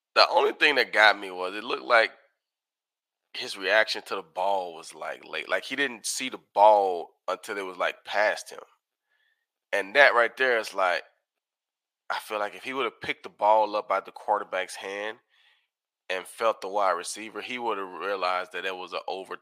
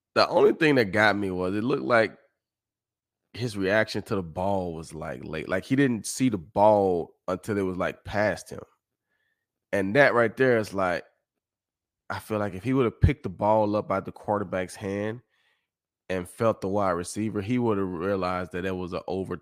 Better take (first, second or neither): second